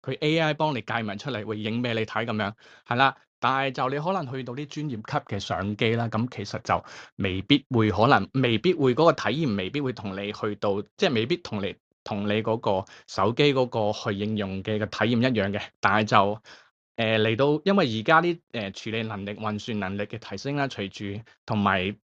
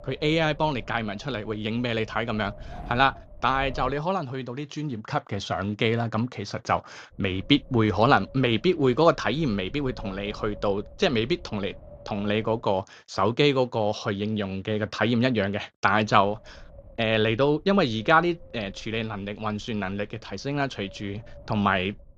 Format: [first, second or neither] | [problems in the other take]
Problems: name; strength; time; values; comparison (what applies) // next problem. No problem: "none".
first | wind noise on the microphone; occasional gusts; until 4 s, from 7 to 13 s and from 16 s on; 25 dB below the speech